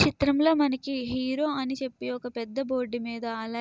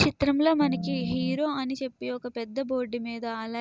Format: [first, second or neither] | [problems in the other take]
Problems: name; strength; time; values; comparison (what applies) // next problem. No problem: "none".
first | background sound (Organ); 4 dB below the speech